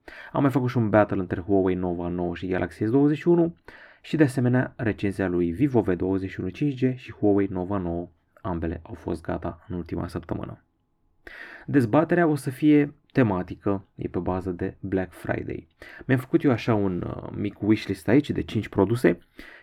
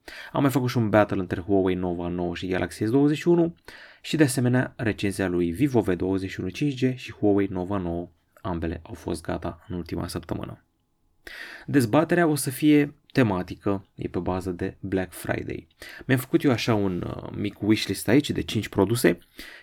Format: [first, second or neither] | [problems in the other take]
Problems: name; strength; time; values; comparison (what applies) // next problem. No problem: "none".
second | muffled; slightly; fading above 3 kHz